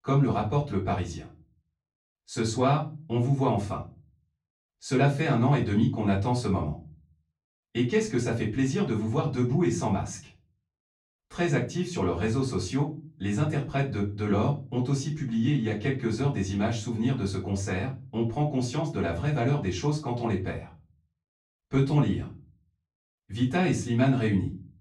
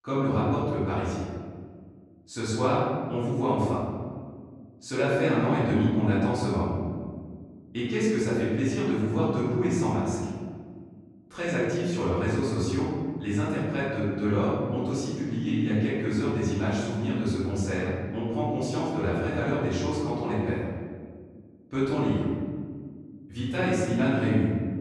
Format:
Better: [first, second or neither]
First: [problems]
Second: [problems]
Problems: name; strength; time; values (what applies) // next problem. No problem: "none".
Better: first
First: room echo; slight; dies away in 0.3 s // off-mic speech; far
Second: room echo; strong; dies away in 1.8 s // off-mic speech; far